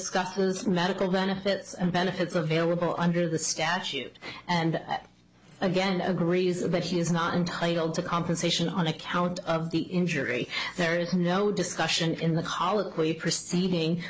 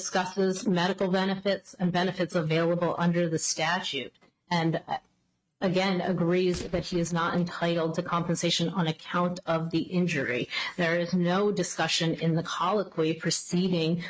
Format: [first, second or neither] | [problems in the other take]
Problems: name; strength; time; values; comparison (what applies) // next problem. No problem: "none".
first | noise reduction (neural mask model RNNoise)